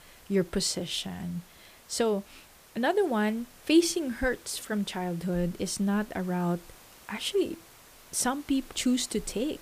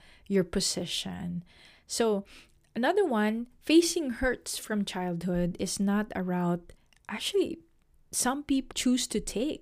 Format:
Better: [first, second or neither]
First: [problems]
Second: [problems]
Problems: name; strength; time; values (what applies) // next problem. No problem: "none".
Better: second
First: hiss; faint; throughout; 25 dB below the speech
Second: none